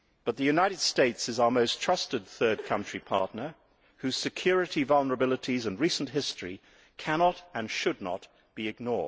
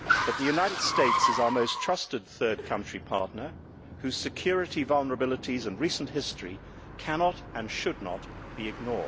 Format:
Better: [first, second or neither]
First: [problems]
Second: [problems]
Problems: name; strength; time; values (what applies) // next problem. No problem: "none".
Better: first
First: none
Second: background sound (Car); 4 dB below the speech